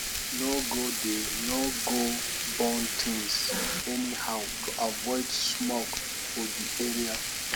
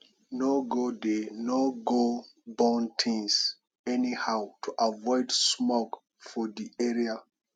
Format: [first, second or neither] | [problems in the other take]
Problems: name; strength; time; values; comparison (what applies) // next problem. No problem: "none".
second | background sound (Frying (food)); as loud as the speech